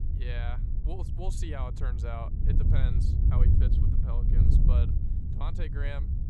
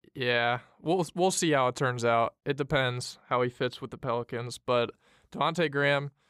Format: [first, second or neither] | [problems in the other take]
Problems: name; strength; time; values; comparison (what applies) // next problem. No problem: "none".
second | wind noise on the microphone; heavy; 1 dB below the speech